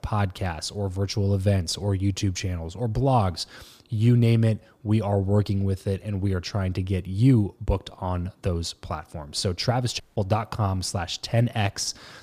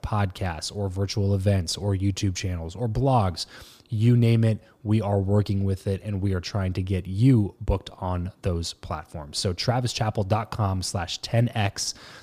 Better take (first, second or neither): second